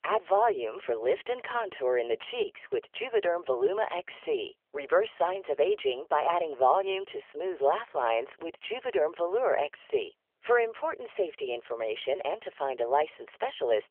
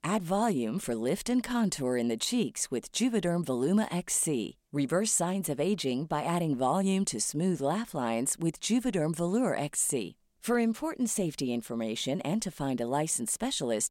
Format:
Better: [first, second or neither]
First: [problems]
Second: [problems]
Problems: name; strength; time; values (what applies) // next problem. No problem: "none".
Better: second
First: phone-call audio; nothing above 3.5 kHz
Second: none